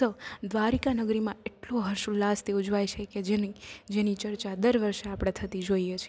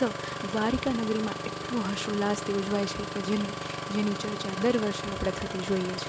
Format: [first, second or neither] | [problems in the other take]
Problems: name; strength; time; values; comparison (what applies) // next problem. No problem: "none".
first | background sound (Engine starting); 5 dB below the speech